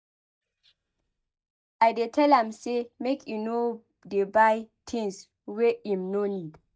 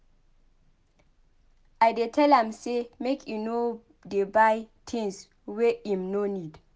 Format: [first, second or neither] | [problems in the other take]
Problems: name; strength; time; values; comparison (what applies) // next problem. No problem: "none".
second | noise reduction (neural mask model DeepFilterNet 3)